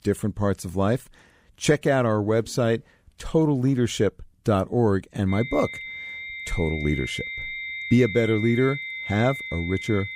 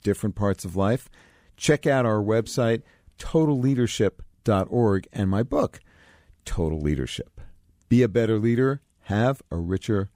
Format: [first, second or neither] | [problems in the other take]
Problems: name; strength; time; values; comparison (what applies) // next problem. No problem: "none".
second | high-pitched whine; loud; from 5.5 s on; 2 kHz, 8 dB below the speech